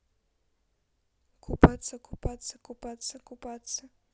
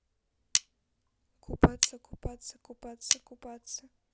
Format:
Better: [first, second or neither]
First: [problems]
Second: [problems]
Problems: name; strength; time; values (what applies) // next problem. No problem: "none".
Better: first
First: none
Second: background sound (Cutlery, silverware); 1 dB below the speech